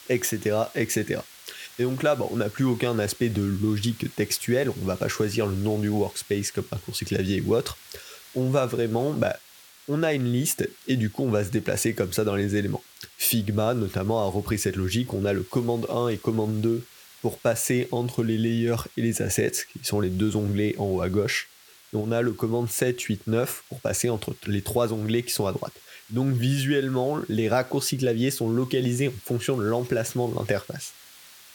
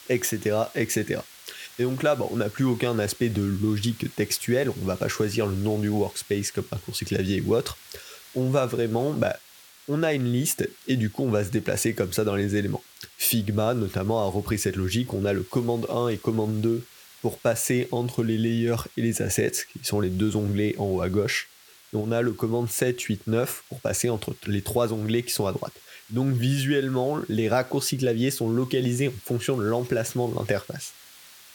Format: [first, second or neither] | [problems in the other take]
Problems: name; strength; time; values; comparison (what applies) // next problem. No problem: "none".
neither | hiss; faint; throughout; 20 dB below the speech; the same in both